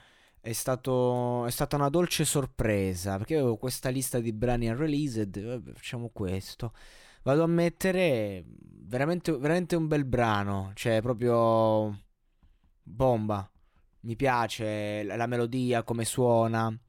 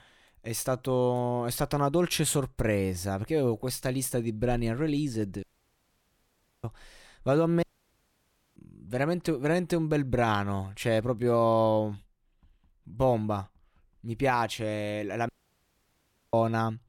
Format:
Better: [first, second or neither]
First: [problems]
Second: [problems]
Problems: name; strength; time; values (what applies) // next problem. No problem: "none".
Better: first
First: none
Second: audio cutting out; at 5.5 s for 1 s, at 7.5 s for 1 s and at 15 s for 1 s